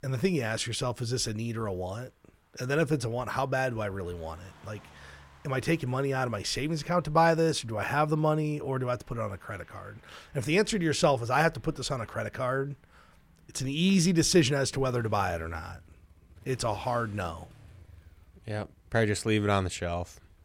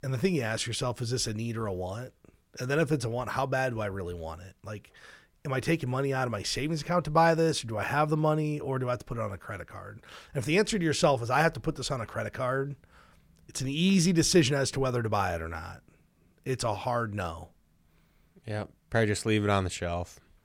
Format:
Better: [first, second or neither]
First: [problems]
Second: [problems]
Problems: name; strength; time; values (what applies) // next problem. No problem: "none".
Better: second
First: traffic noise; faint; throughout; 30 dB below the speech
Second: none